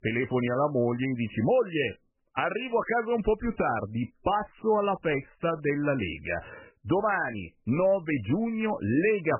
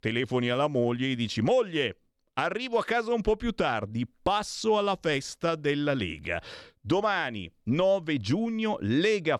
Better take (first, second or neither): second